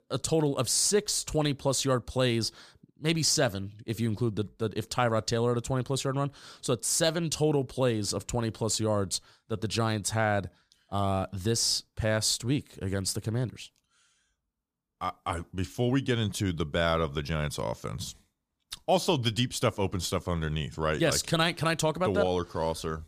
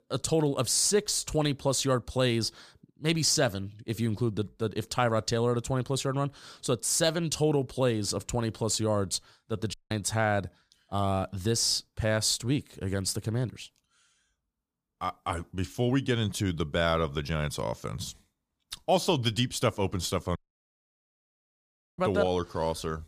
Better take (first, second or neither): first